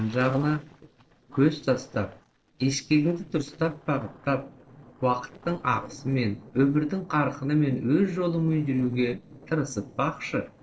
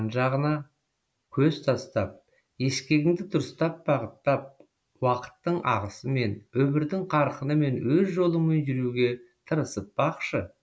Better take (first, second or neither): second